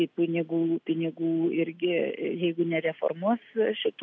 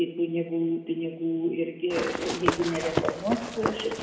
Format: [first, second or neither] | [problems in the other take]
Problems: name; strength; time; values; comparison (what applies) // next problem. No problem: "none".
first | background sound (Run); 2 dB below the speech // room echo; dies away in 1.6 s